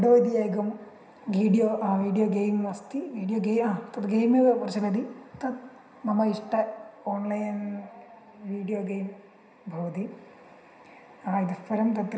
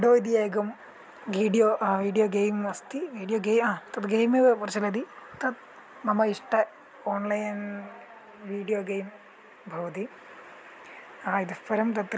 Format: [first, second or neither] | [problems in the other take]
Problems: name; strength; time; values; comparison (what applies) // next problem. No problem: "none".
second | room echo; dies away in 0.9 s